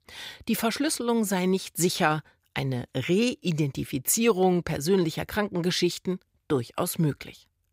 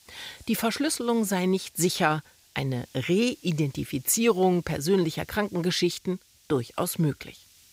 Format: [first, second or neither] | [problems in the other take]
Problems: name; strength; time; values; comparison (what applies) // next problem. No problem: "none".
first | hiss; faint; throughout; 30 dB below the speech